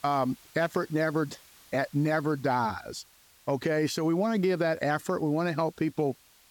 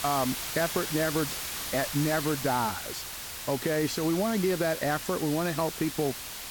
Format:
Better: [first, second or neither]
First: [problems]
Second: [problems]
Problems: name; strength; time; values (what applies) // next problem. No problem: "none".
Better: first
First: hiss; faint; throughout; 25 dB below the speech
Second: hiss; loud; throughout; 5 dB below the speech